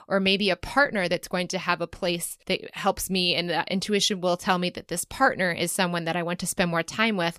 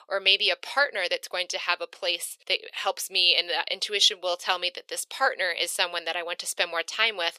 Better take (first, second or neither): first